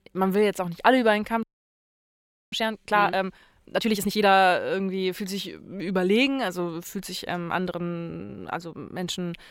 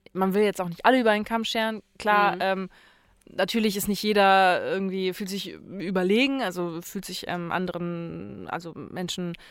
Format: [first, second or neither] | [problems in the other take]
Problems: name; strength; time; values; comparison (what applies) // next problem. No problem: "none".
second | audio freezing; at 1.5 s for 1 s